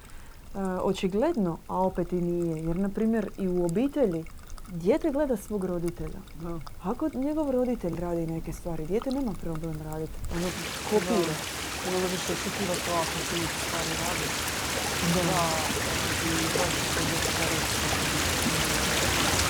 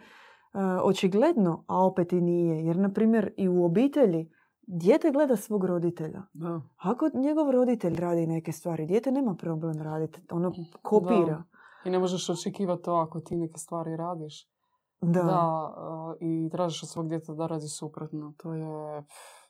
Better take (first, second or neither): second